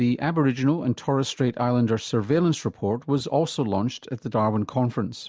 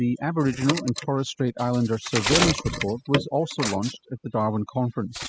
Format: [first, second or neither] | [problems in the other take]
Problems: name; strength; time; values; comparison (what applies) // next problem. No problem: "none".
first | noise reduction (classical method spectral subtraction)